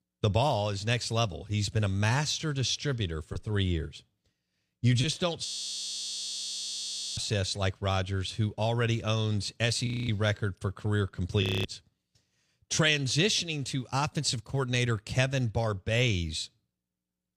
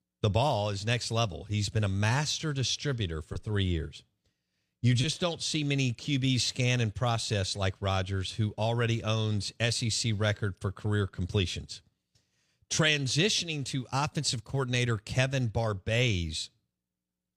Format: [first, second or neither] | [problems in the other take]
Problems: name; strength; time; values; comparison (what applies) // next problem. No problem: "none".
second | audio freezing; at 5.5 s for 1.5 s, at 10 s and at 11 s